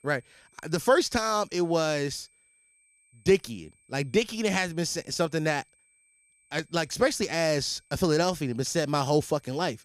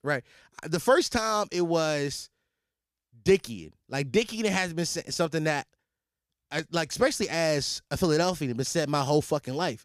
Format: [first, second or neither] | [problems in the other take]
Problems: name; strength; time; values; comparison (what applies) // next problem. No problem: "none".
second | high-pitched whine; faint; throughout; 8.5 kHz, 35 dB below the speech